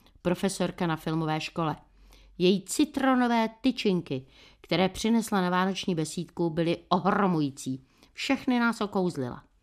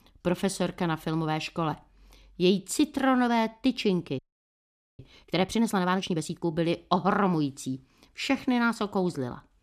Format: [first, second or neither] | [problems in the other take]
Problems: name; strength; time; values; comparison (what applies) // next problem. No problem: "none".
first | audio freezing; at 4 s for 1 s